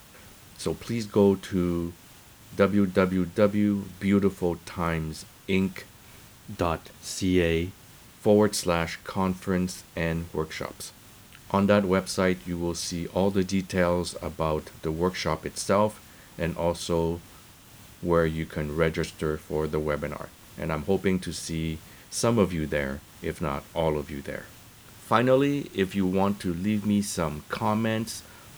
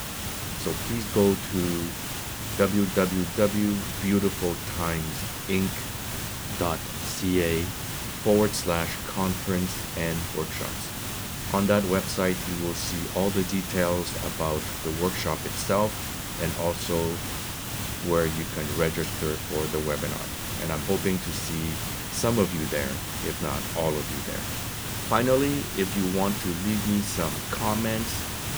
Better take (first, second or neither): first